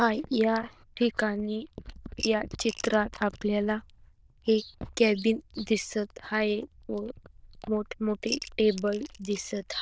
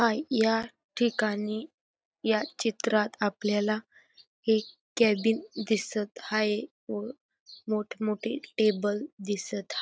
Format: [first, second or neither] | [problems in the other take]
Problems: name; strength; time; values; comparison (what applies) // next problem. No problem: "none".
second | noise reduction (neural diffusion model UNIVERSE++)